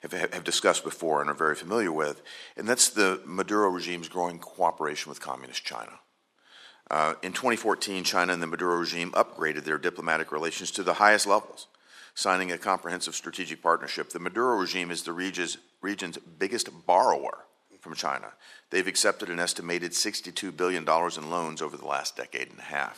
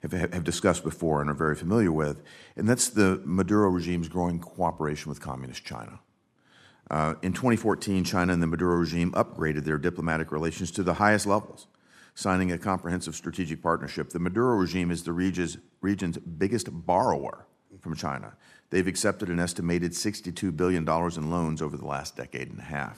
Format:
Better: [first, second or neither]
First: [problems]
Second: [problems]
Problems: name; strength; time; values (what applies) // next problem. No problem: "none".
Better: second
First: thin; somewhat; fading below 450 Hz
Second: none